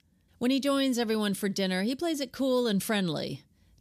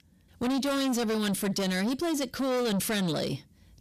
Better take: first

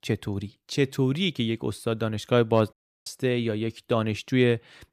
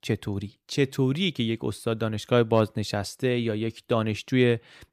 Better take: second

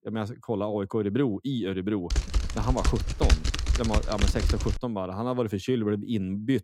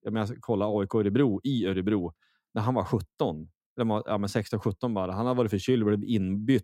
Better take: second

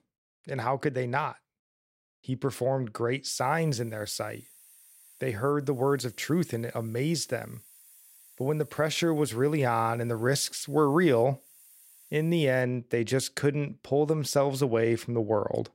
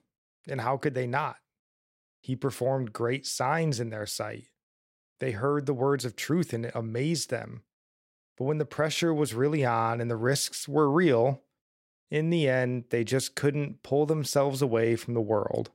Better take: second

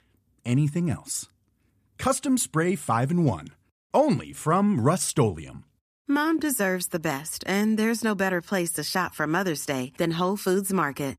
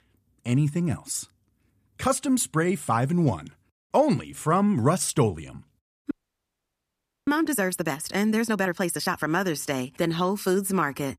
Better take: first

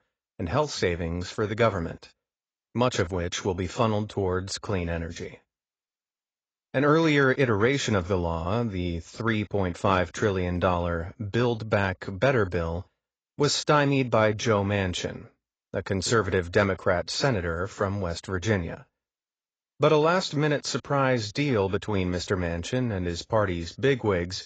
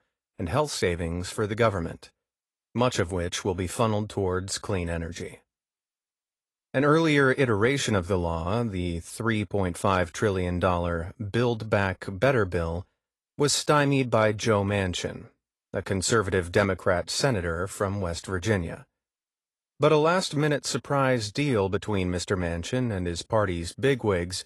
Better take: second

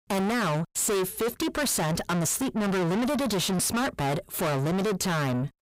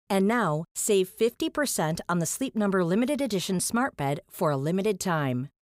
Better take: second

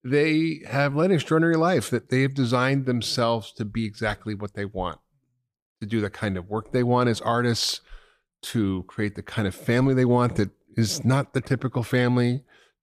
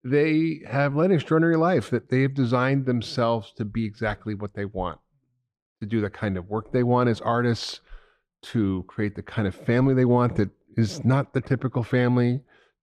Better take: first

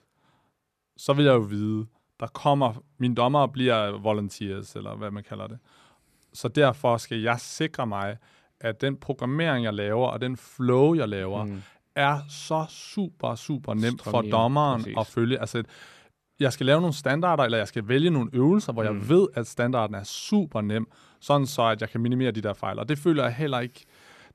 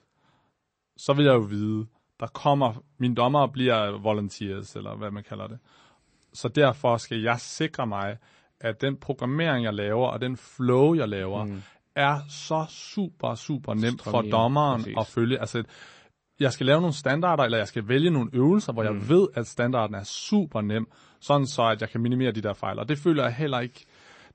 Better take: first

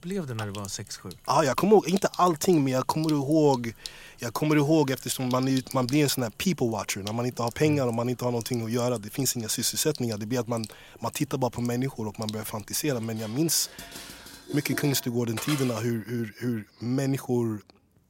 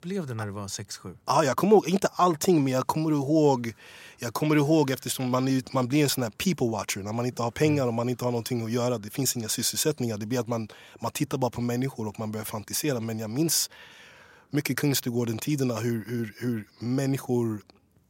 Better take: second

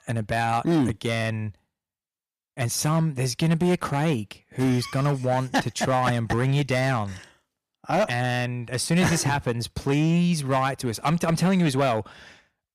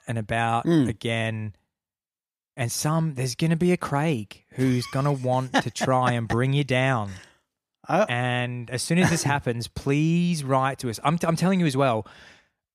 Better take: second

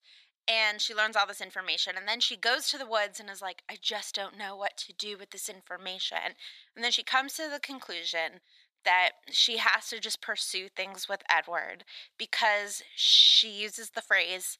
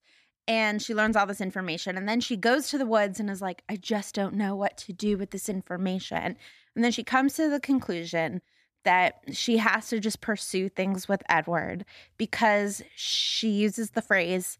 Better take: second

